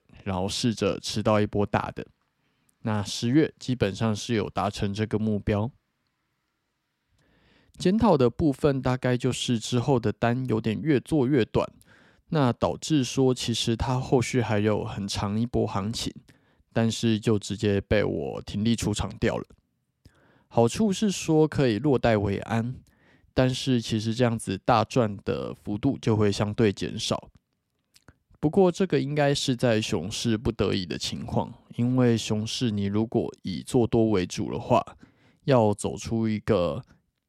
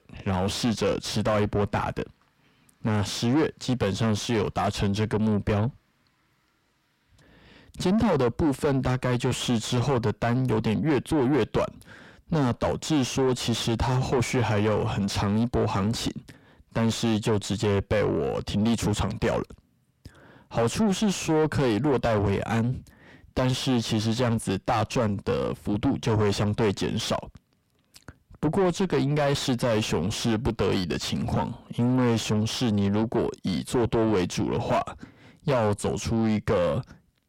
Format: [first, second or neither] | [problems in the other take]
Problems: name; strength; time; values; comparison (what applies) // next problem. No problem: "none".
first | distortion; heavy; 6 dB below the speech